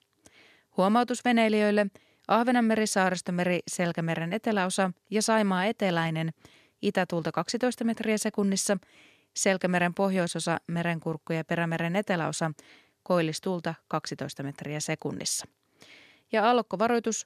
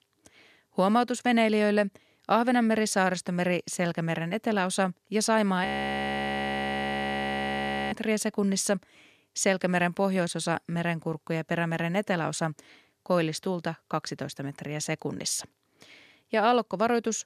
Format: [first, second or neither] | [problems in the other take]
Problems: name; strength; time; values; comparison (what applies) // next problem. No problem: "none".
first | audio freezing; at 5.5 s for 2.5 s